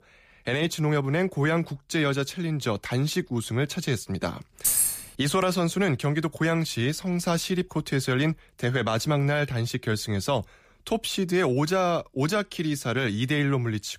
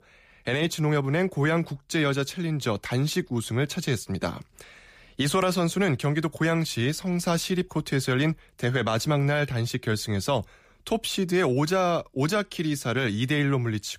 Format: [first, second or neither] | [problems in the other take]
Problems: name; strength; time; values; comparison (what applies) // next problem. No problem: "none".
second | jangling keys; loud; at 4.5 s; peak 5 dB above the speech